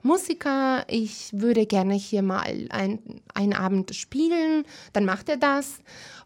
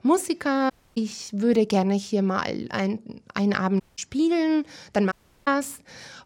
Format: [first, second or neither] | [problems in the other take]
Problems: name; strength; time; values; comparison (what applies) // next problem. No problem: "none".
first | audio cutting out; at 0.5 s, at 4 s and at 5 s